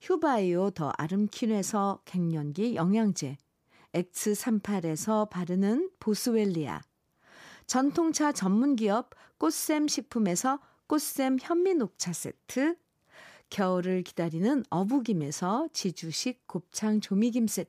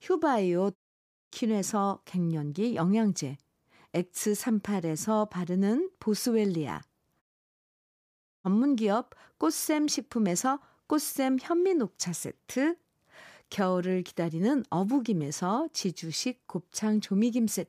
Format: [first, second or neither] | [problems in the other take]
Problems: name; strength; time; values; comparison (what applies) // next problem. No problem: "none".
first | audio cutting out; at 1 s for 0.5 s and at 7 s for 1 s